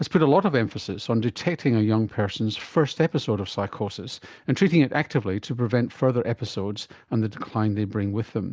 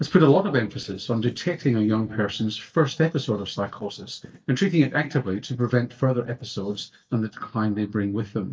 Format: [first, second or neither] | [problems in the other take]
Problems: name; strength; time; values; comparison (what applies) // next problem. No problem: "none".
first | noise reduction (neural mask model DeepFilterNet 3)